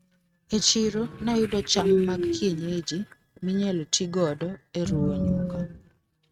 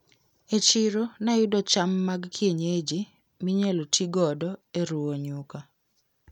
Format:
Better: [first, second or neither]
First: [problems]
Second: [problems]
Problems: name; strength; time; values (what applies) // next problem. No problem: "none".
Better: second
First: noise reduction (neural mask model RNNoise)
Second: none